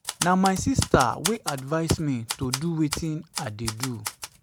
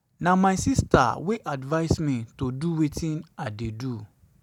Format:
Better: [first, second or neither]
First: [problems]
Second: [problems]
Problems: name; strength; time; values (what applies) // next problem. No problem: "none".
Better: second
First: background sound (Typewriter); 9 dB below the speech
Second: none